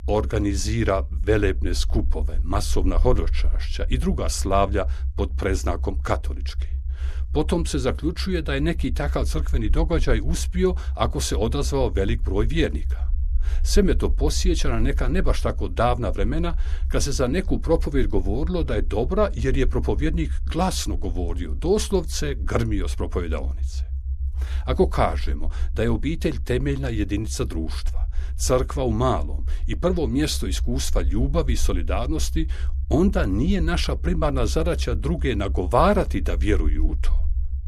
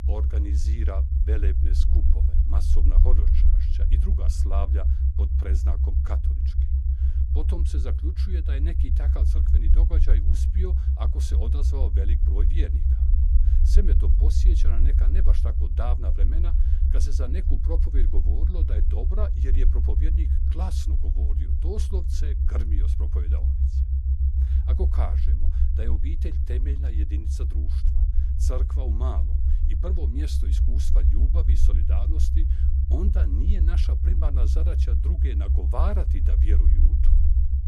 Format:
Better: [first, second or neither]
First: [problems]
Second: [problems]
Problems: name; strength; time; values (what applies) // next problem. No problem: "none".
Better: first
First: low rumble; faint; throughout; 20 dB below the speech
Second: low rumble; loud; throughout; 2 dB below the speech